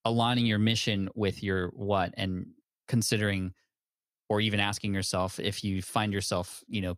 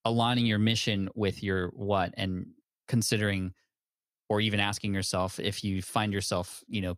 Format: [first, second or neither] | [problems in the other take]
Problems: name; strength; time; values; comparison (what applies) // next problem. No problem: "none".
neither | none